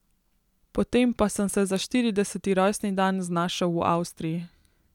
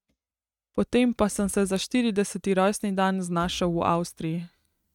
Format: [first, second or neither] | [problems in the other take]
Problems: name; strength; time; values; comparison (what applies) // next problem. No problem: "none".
first | noise reduction (neural mask model RNNoise)